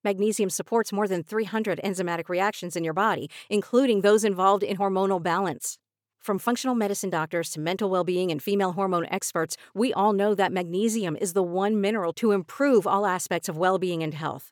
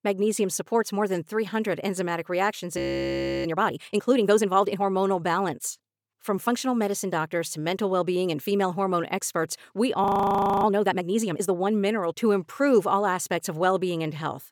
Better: first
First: none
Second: audio freezing; at 3 s for 0.5 s and at 10 s for 0.5 s

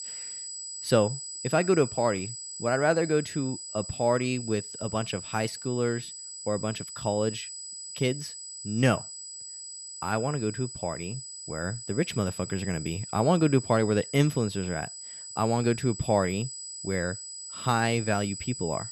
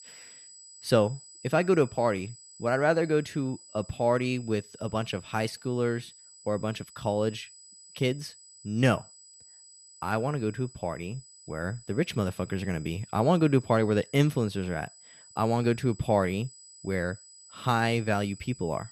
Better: second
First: high-pitched whine; loud; throughout; 8 kHz, 9 dB below the speech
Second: high-pitched whine; faint; throughout; 8 kHz, 20 dB below the speech

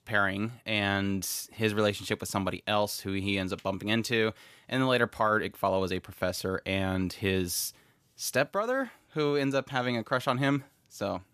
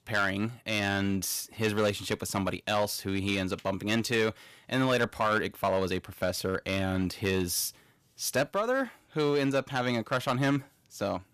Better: first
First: none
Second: distortion; slight; 4% of the sound clipped

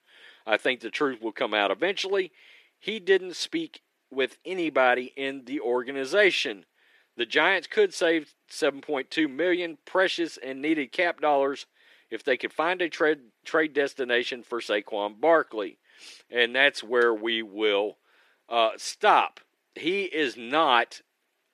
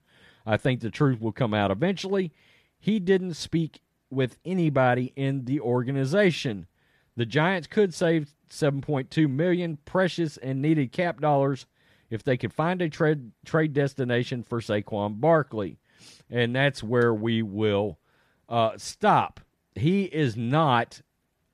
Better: second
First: thin; somewhat; fading below 350 Hz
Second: none

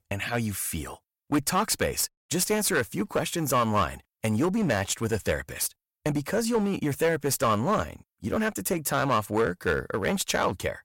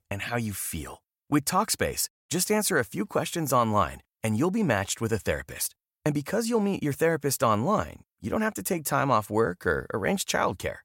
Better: second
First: distortion; slight; 7% of the sound clipped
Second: none

